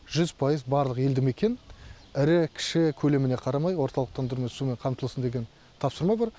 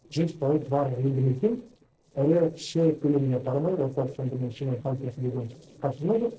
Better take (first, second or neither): first